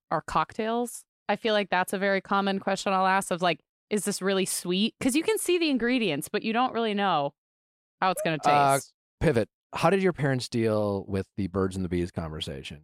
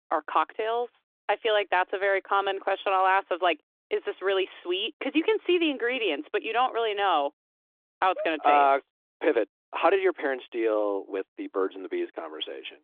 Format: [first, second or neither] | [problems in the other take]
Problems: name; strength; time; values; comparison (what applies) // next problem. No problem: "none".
first | phone-call audio; nothing above 3.5 kHz